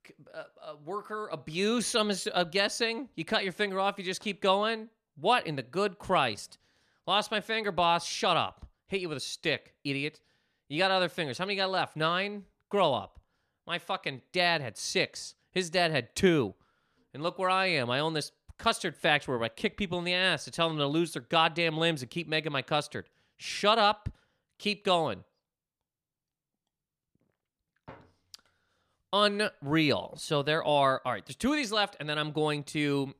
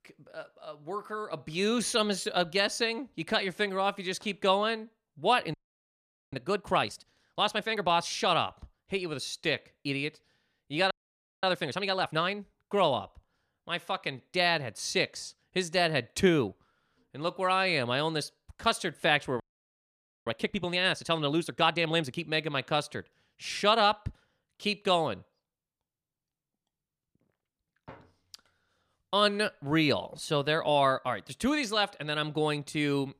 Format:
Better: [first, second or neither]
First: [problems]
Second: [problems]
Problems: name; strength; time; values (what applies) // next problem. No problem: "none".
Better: first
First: none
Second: audio freezing; at 5.5 s for 1 s, at 11 s for 0.5 s and at 19 s for 1 s